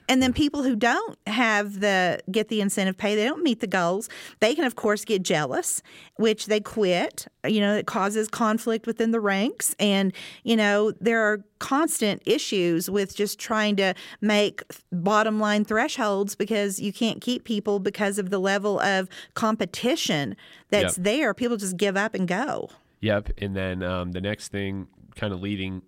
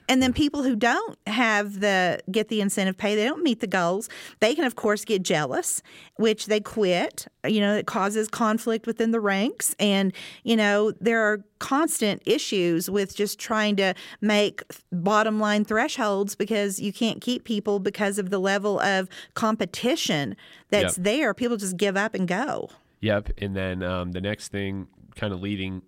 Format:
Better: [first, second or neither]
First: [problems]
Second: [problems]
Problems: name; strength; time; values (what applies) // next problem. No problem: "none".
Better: neither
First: none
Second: none